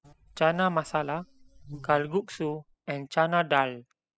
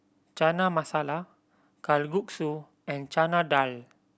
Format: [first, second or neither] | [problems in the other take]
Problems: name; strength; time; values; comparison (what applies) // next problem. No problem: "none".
second | noise reduction (classical method spectral subtraction)